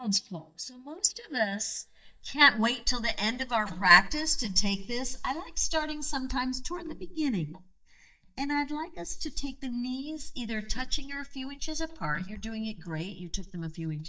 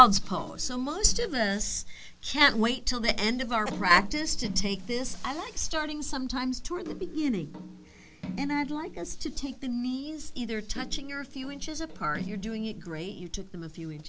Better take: second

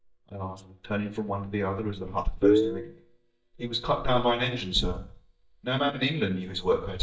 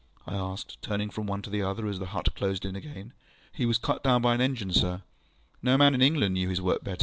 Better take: second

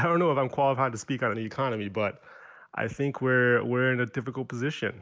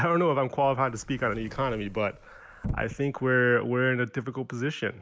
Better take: first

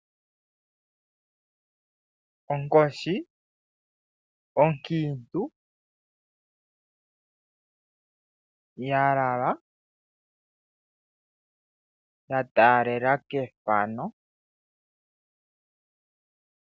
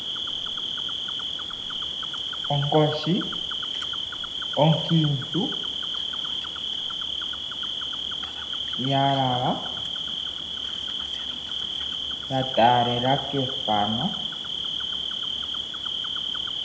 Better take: first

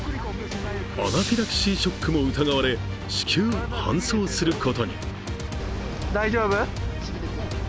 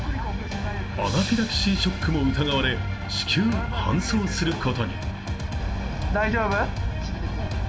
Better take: first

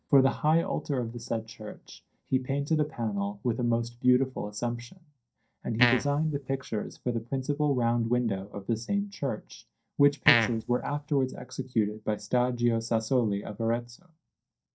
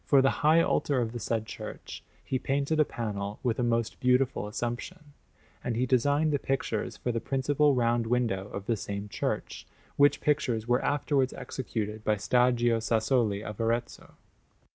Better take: second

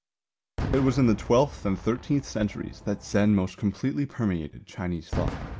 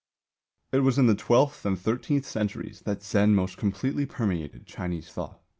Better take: second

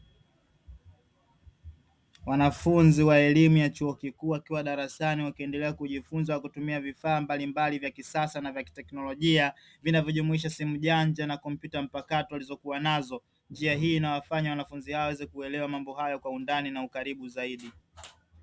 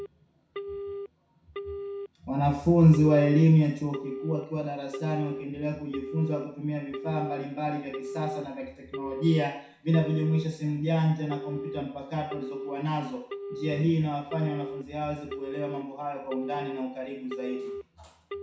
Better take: first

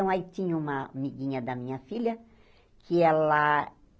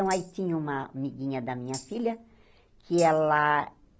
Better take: first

